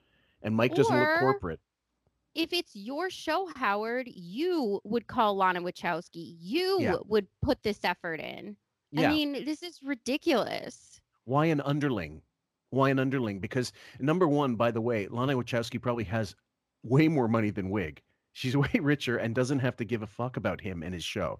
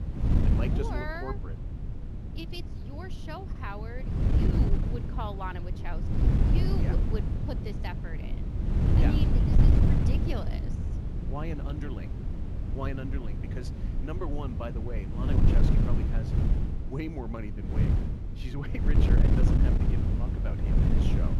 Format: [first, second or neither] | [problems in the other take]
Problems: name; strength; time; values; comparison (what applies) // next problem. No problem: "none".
first | wind noise on the microphone; heavy; 1 dB above the speech